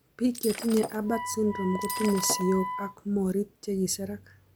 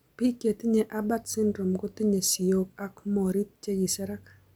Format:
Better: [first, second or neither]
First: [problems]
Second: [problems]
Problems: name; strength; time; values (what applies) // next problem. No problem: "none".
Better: second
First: background sound (Shatter + Wind instrument, woodwind instrument); 8 dB below the speech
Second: none